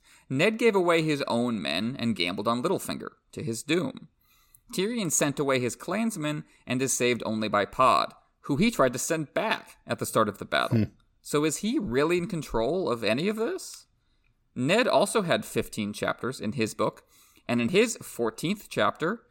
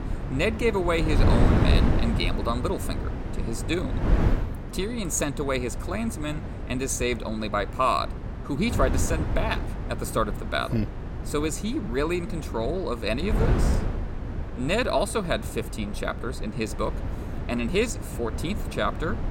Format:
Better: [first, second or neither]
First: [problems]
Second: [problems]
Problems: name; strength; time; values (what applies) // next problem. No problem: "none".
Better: first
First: none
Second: wind noise on the microphone; heavy; 8 dB below the speech